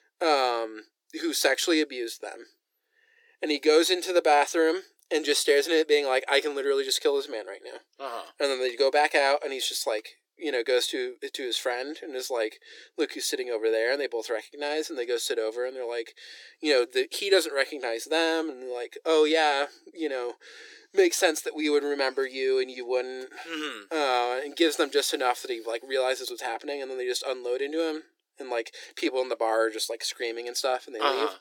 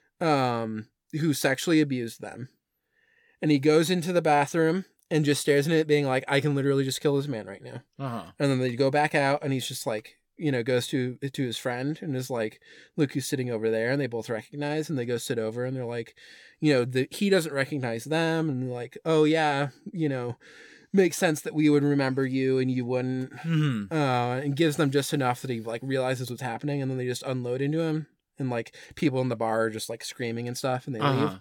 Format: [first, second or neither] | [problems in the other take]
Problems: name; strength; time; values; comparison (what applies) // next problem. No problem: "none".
second | thin; very; fading below 350 Hz